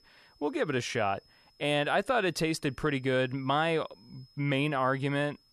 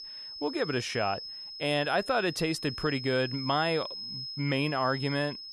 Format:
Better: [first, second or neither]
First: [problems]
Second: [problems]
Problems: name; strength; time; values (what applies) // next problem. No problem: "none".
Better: first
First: high-pitched whine; faint; throughout; 5 kHz, 30 dB below the speech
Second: high-pitched whine; loud; throughout; 5 kHz, 8 dB below the speech